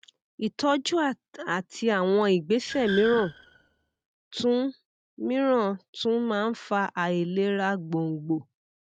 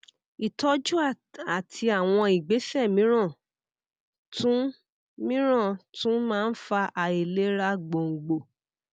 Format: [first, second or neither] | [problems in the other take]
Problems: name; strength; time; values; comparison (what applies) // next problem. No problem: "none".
second | noise reduction (neural mask model RNNoise)